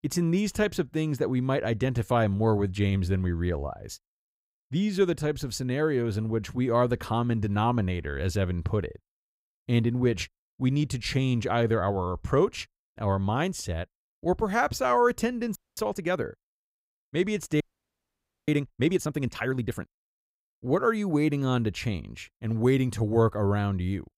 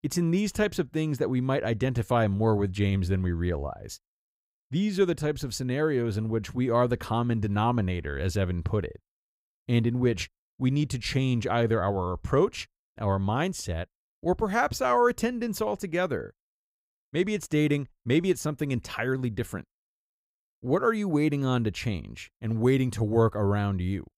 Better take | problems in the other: second | audio freezing; at 16 s and at 18 s for 1 s

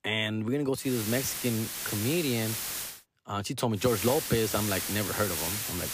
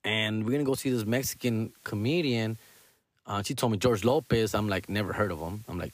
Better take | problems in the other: second | hiss; loud; from 1 to 3 s and from 4 s on; 2 dB below the speech; faint in the second

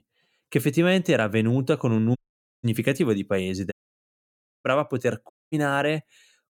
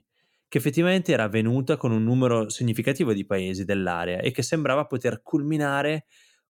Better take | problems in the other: second | audio cutting out; at 2 s, at 3.5 s for 1 s and at 5.5 s

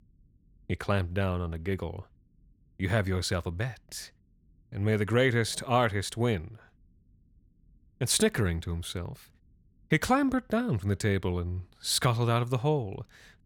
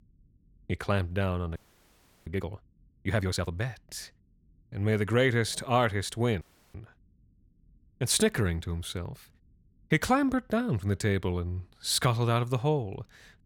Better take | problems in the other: first | audio freezing; at 1.5 s for 0.5 s and at 6.5 s

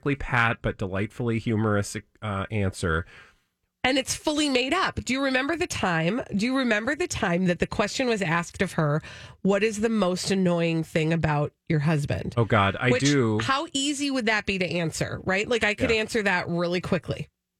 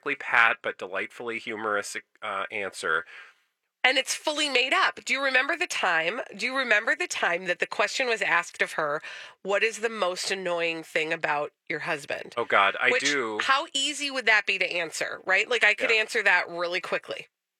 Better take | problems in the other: first | thin; very; fading below 550 Hz

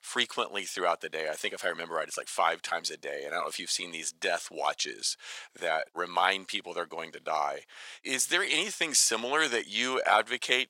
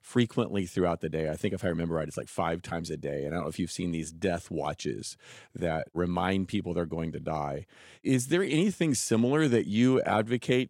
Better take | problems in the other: second | thin; very; fading below 950 Hz

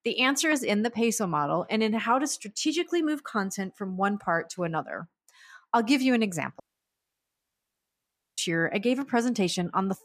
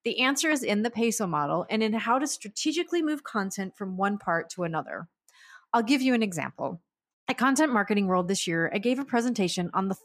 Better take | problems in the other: second | audio cutting out; at 6.5 s for 2 s

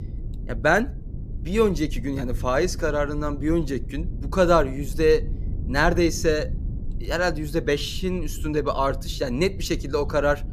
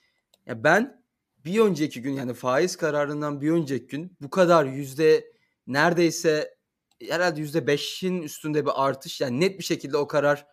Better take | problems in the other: second | low rumble; faint; throughout; 25 dB below the speech

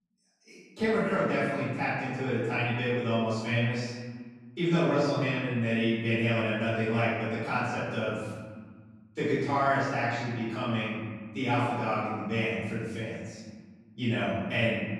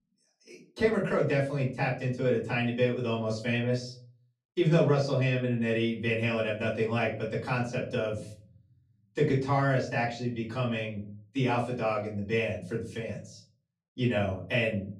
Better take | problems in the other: second | room echo; strong; dies away in 1.5 s; slight in the second // off-mic speech; far; far in the second

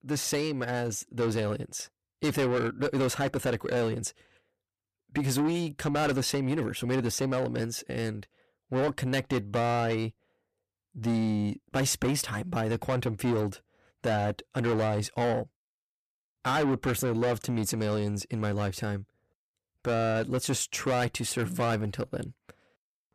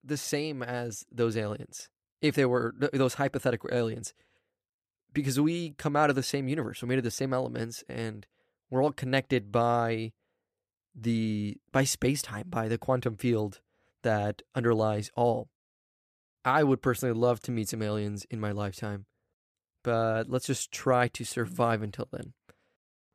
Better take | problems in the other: second | distortion; heavy; 7 dB below the speech

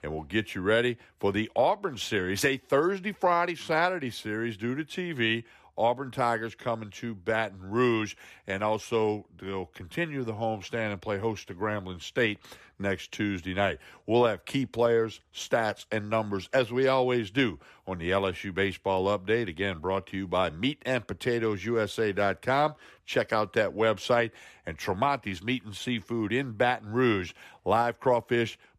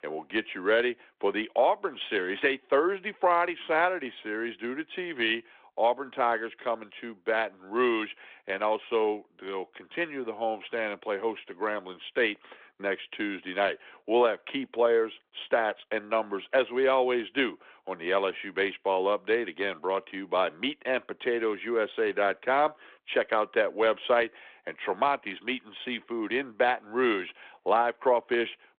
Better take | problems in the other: first | phone-call audio

